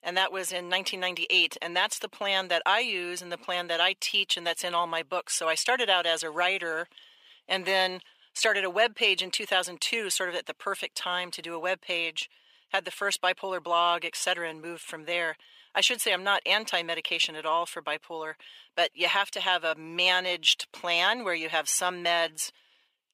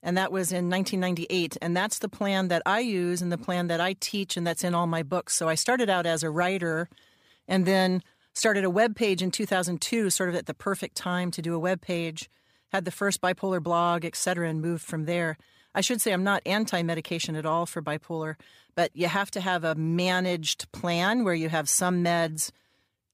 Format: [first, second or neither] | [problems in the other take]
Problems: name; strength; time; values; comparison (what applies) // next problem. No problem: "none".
second | thin; very; fading below 500 Hz